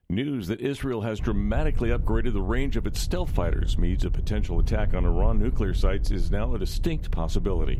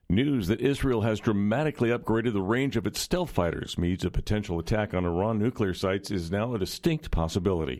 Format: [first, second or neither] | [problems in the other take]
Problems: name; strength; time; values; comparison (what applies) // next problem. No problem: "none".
second | low rumble; noticeable; from 1 s on; 15 dB below the speech